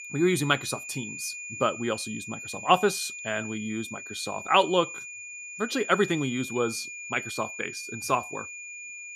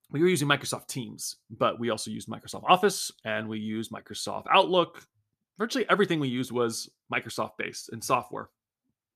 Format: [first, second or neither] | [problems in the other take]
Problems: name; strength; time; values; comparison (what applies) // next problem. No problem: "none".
second | high-pitched whine; loud; throughout; 2.5 kHz, 9 dB below the speech